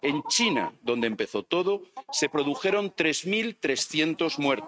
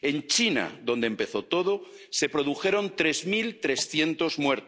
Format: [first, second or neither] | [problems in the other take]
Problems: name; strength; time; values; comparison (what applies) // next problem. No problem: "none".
second | noise reduction (neural mask model RNNoise)